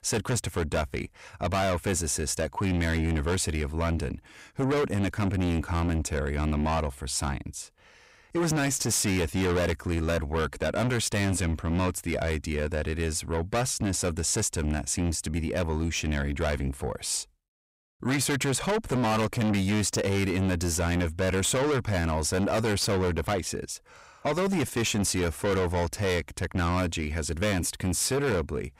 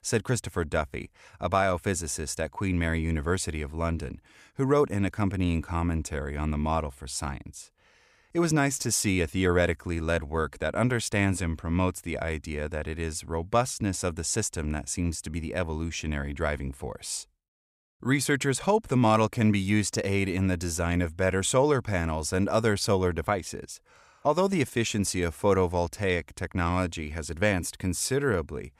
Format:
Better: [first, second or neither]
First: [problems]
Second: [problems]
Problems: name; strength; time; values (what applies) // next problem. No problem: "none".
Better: second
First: distortion; heavy; 6 dB below the speech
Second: none